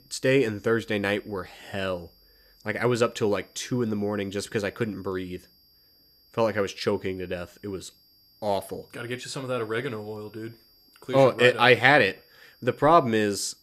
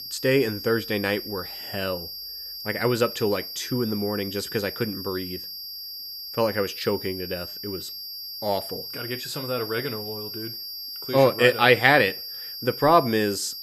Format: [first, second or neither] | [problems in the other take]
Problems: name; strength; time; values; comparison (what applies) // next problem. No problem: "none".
first | high-pitched whine; loud; throughout; 5 kHz, 9 dB below the speech; faint in the first